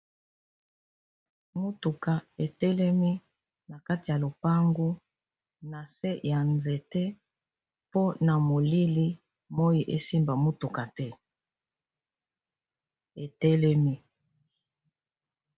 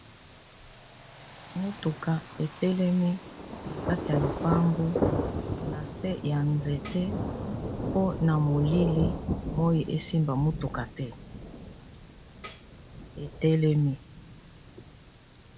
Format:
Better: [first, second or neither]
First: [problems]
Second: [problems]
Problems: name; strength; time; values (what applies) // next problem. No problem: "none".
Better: first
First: none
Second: background sound (Tambourine + Thunder); 6 dB below the speech